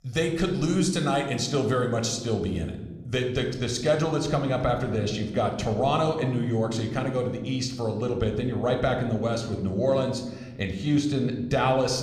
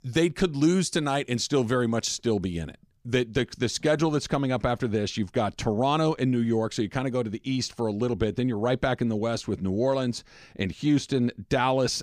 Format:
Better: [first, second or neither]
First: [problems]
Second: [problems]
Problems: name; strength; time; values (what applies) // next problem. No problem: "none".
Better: second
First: room echo; slight; dies away in 0.9 s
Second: none